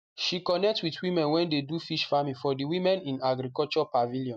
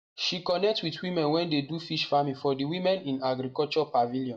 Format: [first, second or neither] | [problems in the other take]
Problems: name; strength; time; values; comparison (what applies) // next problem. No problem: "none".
first | room echo; dies away in 0.4 s